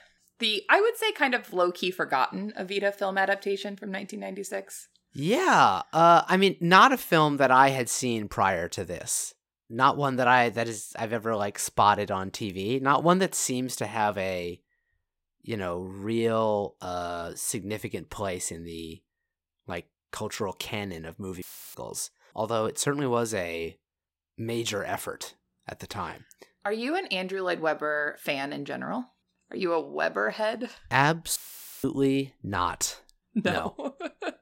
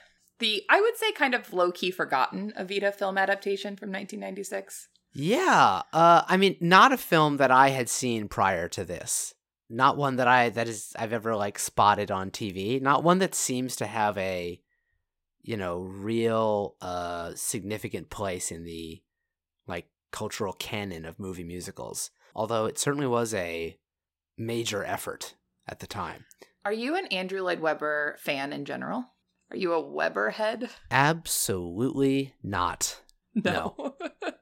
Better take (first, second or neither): second